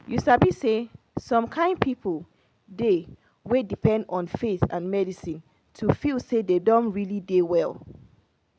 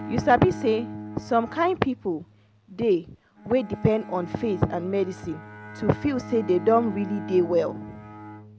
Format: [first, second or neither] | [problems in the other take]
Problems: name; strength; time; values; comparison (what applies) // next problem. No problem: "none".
first | background sound (Bowed string instrument); 13 dB below the speech